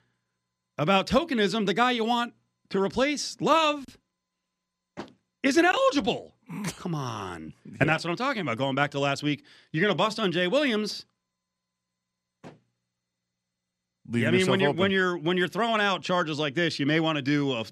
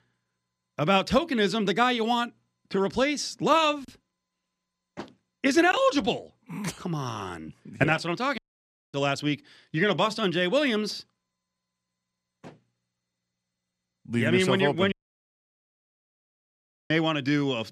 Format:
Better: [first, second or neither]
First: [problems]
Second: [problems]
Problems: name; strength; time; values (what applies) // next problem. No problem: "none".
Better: first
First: none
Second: audio cutting out; at 8.5 s for 0.5 s and at 15 s for 2 s